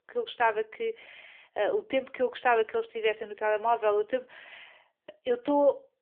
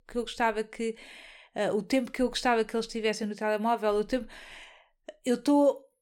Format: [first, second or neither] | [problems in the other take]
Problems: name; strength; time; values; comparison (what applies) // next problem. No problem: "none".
second | phone-call audio; nothing above 3.5 kHz